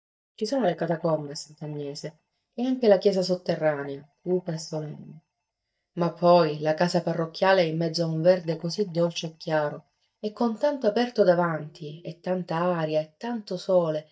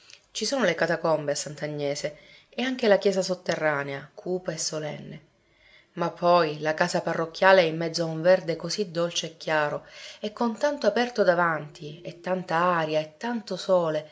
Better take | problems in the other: second | noise reduction (neural mask model DeepFilterNet 3)

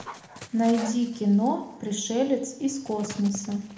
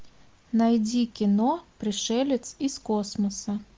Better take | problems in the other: second | background sound (Dog); 18 dB below the speech // room echo; dies away in 0.7 s

